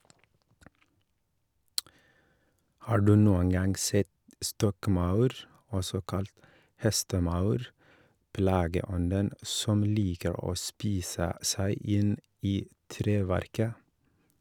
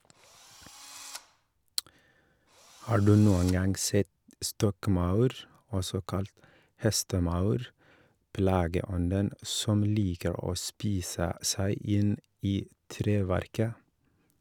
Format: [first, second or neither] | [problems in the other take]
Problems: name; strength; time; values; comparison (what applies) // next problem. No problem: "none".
first | background sound (Drill); 20 dB below the speech